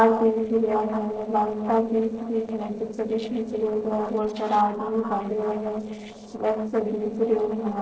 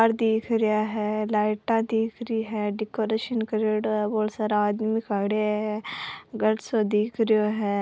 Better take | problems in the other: second | noise reduction (neural separator model SepFormer DNS4)

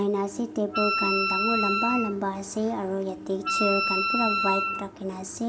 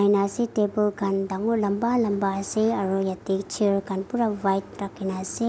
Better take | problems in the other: second | background sound (Wind instrument, woodwind instrument); as loud as the speech // room echo; dies away in 1 s

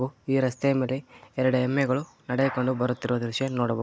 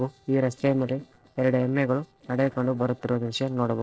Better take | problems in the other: first | noise reduction (neural separator model SepFormer DNS4)

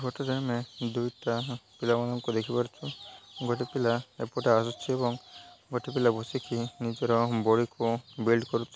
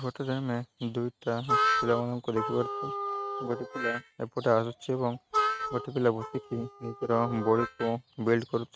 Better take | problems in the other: first | noise reduction (neural mask model RNNoise)

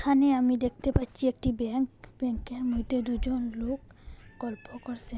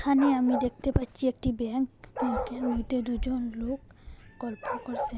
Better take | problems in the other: first | background sound (Bark); 9 dB below the speech

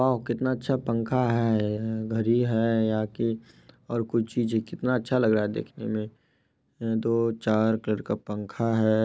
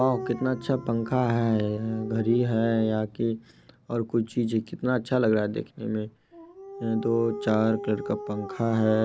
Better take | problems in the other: first | background sound (Dog); 14 dB below the speech

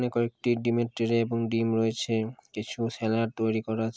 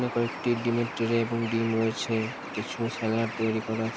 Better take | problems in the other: first | background sound (Bird); 9 dB below the speech

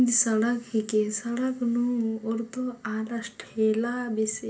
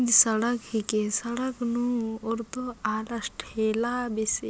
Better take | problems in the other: second | room echo; dies away in 0.3 s

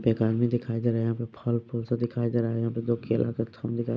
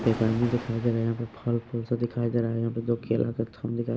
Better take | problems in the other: first | background sound (Thunder); 16 dB below the speech

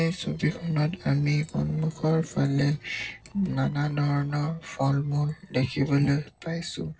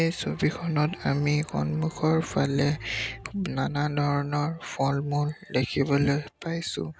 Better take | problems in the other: second | noise reduction (neural separator model SepFormer DNS4)

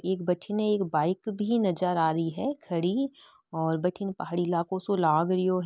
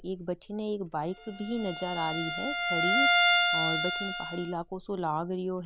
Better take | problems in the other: first | background sound (Bowed string instrument); 3 dB above the speech

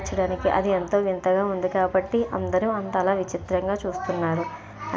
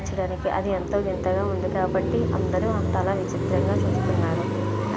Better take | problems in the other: first | background sound (Car passing by); 2 dB above the speech

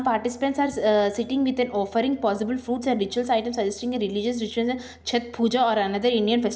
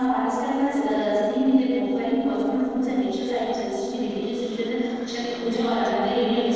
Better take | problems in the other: first | noise reduction (neural separator model SepFormer DNS4)

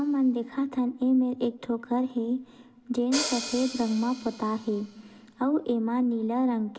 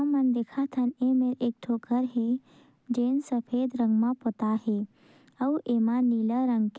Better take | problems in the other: second | background sound (Hi-hat); 14 dB below the speech // room echo; dies away in 0.5 s

